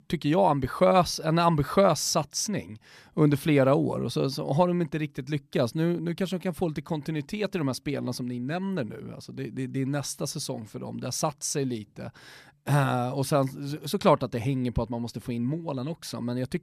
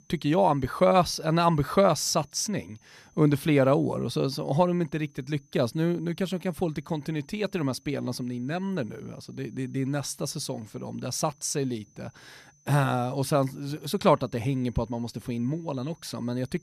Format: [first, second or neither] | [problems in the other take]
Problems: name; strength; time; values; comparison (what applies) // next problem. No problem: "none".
first | high-pitched whine; faint; throughout; 6 kHz, 35 dB below the speech